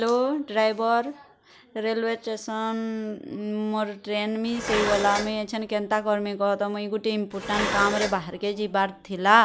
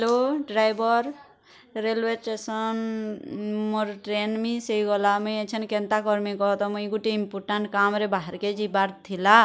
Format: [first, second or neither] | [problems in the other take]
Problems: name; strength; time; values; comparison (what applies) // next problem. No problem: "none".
second | background sound (Dishes, pots, and pans); 7 dB below the speech